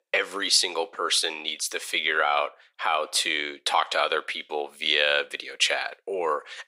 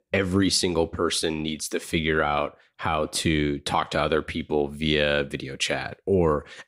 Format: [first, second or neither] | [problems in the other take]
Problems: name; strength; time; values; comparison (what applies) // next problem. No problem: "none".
second | thin; very; fading below 600 Hz